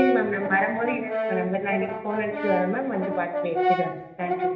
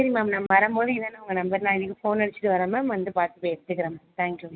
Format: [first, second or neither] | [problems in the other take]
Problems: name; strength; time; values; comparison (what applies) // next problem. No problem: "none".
second | background sound (Brass instrument); 1 dB below the speech // room echo; dies away in 0.8 s